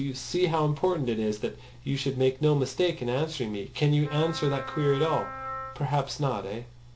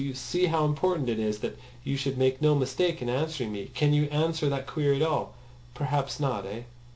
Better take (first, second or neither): second